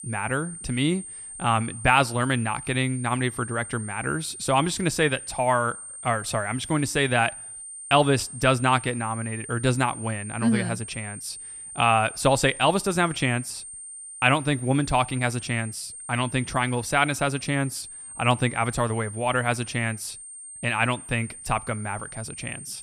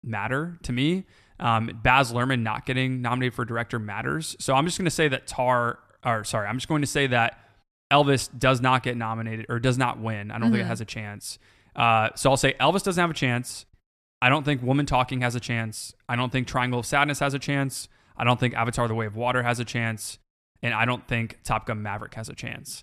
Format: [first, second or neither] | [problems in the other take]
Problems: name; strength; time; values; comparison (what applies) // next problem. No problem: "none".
second | high-pitched whine; noticeable; throughout; 9 kHz, 10 dB below the speech